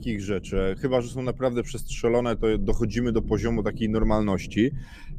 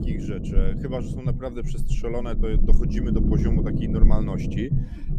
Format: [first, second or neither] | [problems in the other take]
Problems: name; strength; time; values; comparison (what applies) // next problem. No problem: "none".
first | low rumble; loud; throughout; 1 dB below the speech; faint in the first